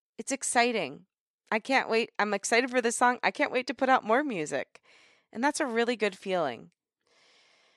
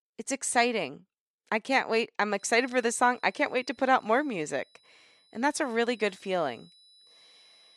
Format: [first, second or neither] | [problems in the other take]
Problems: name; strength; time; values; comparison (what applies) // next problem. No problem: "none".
first | high-pitched whine; faint; from 2.5 s on; 4 kHz, 30 dB below the speech